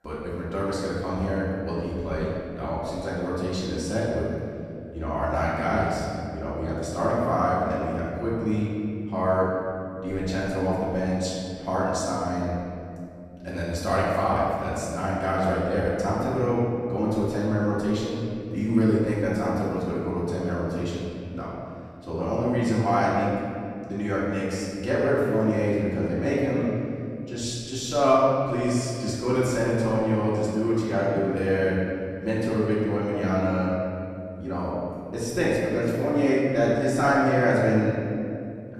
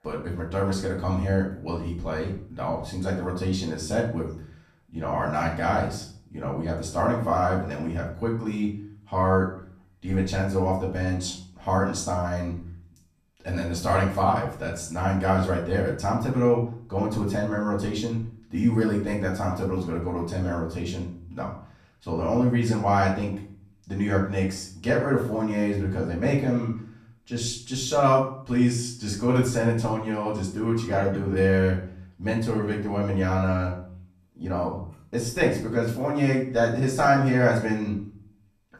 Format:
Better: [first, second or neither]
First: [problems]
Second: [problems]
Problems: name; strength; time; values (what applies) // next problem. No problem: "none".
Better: second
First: room echo; strong; dies away in 2.4 s // off-mic speech; far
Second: room echo; slight; dies away in 0.5 s // off-mic speech; far